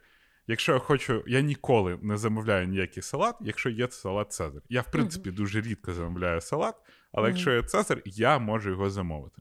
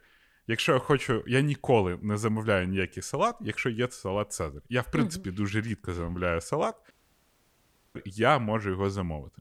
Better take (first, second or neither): first